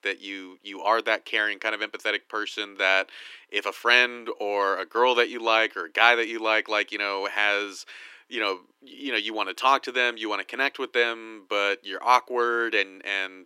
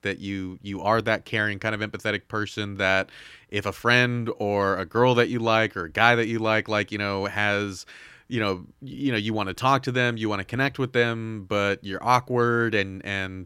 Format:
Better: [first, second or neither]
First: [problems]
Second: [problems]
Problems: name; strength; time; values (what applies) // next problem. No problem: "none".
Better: second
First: thin; very; fading below 300 Hz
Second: none